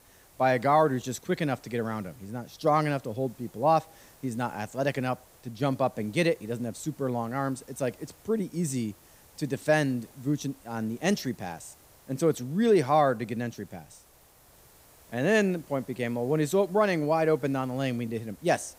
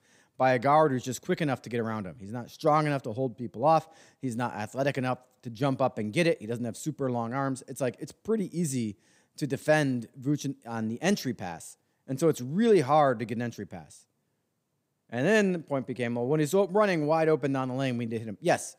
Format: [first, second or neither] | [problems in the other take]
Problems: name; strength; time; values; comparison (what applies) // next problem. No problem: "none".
second | hiss; faint; throughout; 25 dB below the speech